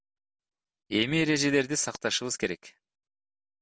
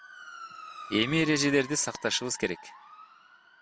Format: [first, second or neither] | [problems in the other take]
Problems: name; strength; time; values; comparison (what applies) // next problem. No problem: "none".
first | background sound (Motor vehicle (road) / Siren); 16 dB below the speech